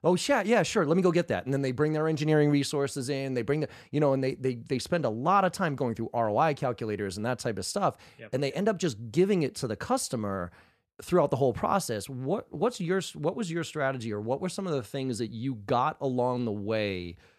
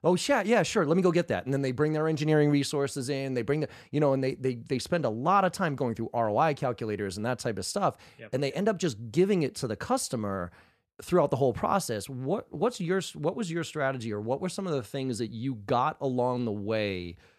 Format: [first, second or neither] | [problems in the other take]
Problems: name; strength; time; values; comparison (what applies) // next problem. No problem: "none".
neither | none